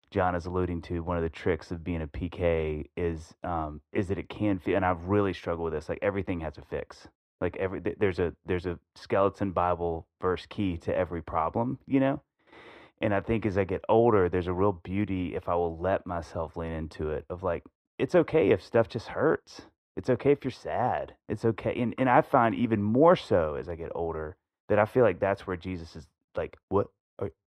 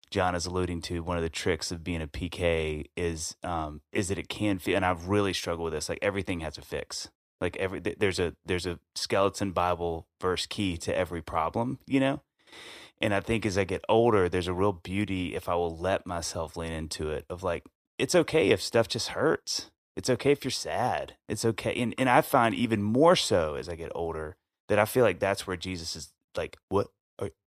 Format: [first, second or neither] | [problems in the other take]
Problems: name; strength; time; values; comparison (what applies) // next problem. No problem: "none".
second | muffled; very; fading above 3.5 kHz